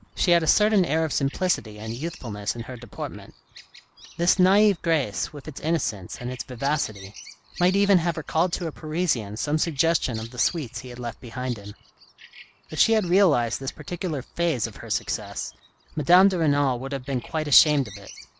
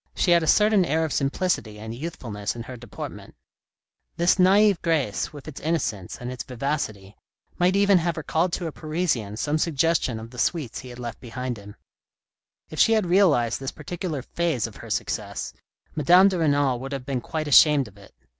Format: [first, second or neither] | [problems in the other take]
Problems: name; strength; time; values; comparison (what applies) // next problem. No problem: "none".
second | background sound (Bird vocalization, bird call, bird song); 20 dB below the speech